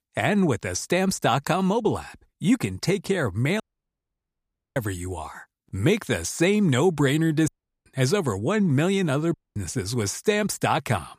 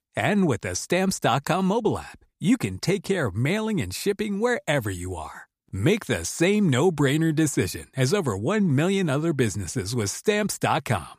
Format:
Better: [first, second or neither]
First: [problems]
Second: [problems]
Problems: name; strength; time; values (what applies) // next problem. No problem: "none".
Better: second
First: audio cutting out; at 3.5 s for 1 s, at 7.5 s and at 9.5 s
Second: none